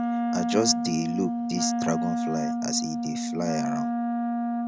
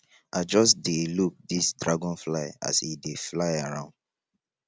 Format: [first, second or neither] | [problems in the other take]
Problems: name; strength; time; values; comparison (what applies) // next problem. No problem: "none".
second | background sound (Wind instrument, woodwind instrument); 3 dB above the speech